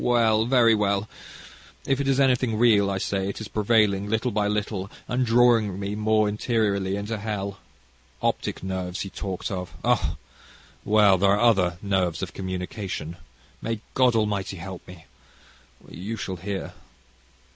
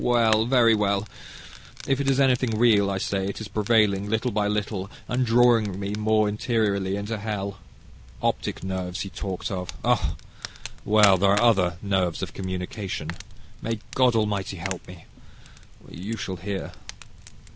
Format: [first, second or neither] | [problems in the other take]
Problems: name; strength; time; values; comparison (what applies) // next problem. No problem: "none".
first | background sound (Fire); 14 dB below the speech